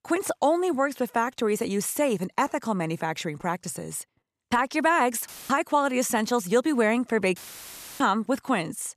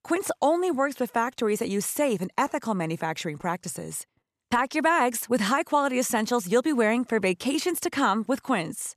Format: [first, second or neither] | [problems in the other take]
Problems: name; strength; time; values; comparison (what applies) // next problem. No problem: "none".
second | audio cutting out; filled with static; at 5.5 s and at 7.5 s for 0.5 s